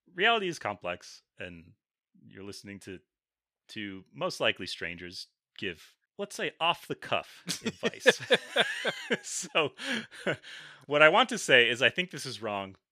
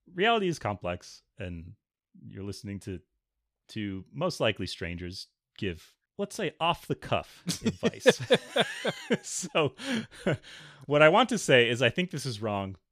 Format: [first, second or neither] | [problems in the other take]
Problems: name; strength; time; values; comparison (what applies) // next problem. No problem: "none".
second | thin; very slightly; fading below 700 Hz